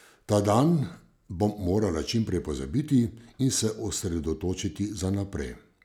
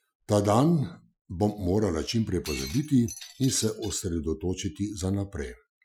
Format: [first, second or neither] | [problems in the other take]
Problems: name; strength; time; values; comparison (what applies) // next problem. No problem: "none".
first | noise reduction (classical method Wiener filter)